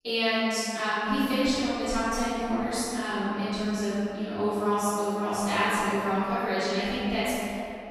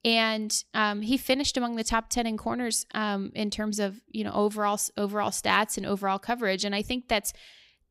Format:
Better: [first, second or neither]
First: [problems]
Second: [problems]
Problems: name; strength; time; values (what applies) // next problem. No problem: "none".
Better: second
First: off-mic speech; far // room echo; strong; dies away in 2.5 s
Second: none